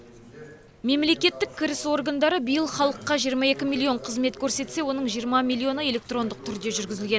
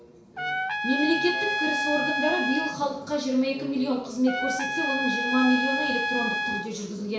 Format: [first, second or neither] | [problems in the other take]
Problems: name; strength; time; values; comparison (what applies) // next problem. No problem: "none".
first | background sound (Trumpet); 1 dB below the speech // room echo; dies away in 0.6 s